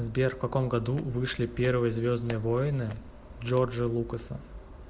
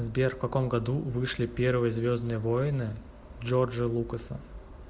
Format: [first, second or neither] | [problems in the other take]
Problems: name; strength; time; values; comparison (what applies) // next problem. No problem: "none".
second | background sound (Walk, footsteps); 20 dB below the speech